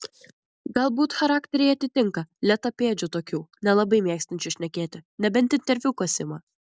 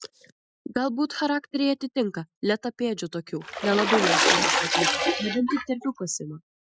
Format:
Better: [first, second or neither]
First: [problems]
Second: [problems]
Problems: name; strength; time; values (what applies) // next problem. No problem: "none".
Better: first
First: none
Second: noise reduction (classical method Wiener filter)